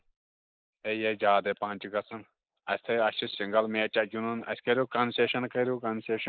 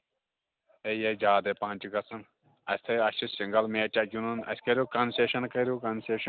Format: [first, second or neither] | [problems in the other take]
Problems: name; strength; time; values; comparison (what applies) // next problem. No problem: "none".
second | noise reduction (neural mask model Resemble Enhance denoiser)